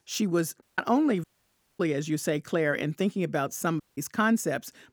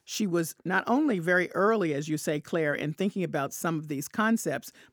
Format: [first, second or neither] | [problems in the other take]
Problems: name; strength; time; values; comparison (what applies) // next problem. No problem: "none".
second | audio cutting out; at 0.5 s, at 1 s for 0.5 s and at 4 s